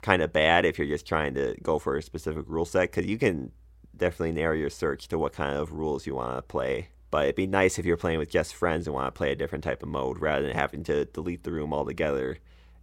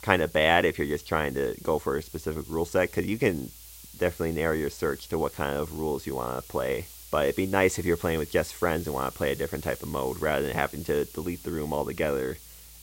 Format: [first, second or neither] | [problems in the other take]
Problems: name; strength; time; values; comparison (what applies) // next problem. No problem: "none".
first | hiss; noticeable; throughout; 15 dB below the speech